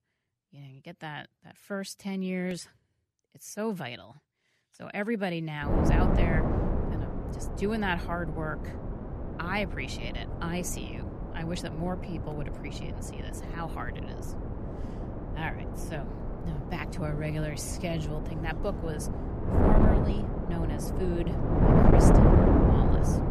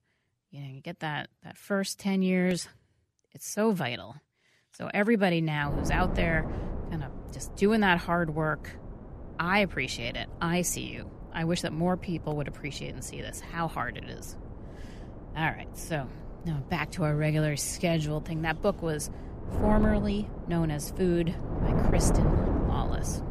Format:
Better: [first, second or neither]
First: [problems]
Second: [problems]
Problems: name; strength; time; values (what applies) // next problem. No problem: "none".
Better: second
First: wind noise on the microphone; heavy; from 5.5 s on; 2 dB above the speech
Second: wind noise on the microphone; occasional gusts; from 5.5 s on; 10 dB below the speech